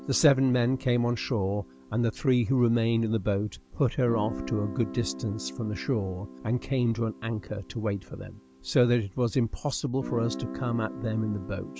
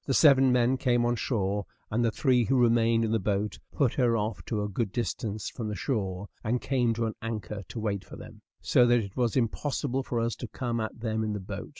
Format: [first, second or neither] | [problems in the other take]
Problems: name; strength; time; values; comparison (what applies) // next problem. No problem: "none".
second | background sound (Guitar); 14 dB below the speech